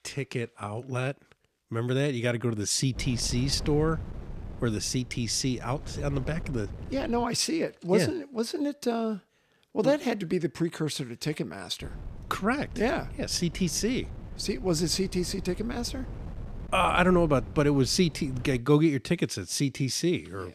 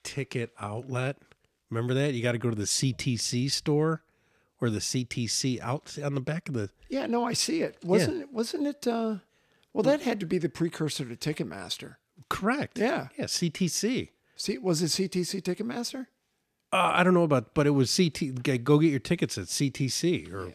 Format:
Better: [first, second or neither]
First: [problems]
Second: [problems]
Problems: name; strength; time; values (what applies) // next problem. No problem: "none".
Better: second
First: wind noise on the microphone; occasional gusts; from 3 to 7 s and from 12 to 19 s; 20 dB below the speech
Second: none